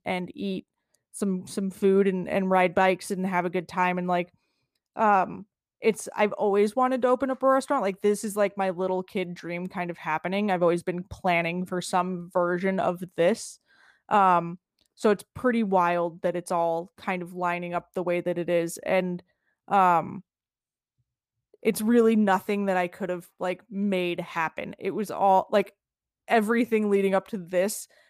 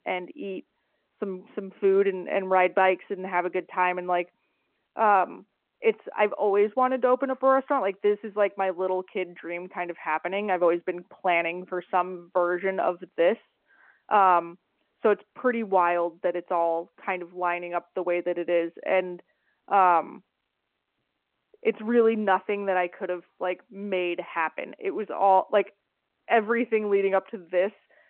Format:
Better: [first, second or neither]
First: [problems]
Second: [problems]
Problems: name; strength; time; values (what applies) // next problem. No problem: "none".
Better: first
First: none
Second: phone-call audio